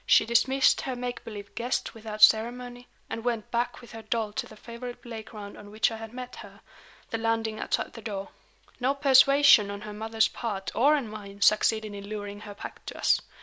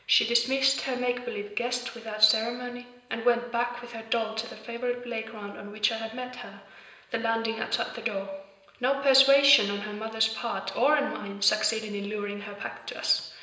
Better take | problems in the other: first | room echo; dies away in 0.9 s

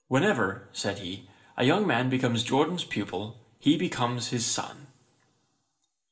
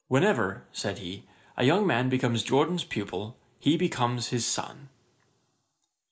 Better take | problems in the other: second | room echo; dies away in 0.6 s

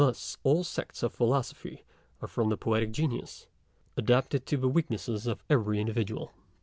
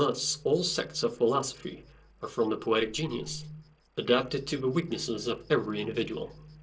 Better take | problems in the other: first | noise reduction (neural separator model SepFormer DNS4)

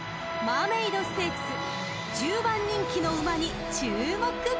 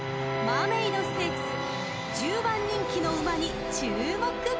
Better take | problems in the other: first | background sound (Bowed string instrument); 5 dB below the speech

